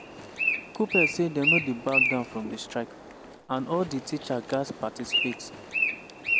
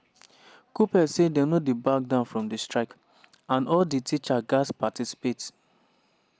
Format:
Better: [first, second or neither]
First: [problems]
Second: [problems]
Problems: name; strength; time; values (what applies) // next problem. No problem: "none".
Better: second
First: background sound (Bird); 1 dB above the speech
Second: none